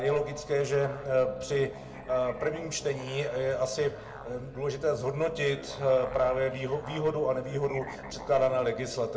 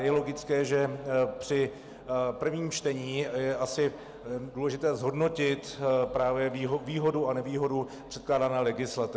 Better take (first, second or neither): second